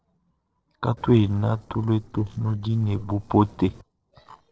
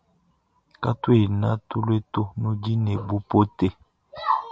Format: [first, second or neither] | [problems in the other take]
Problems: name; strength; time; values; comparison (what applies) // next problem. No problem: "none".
second | noise reduction (neural separator model SepFormer DNS4)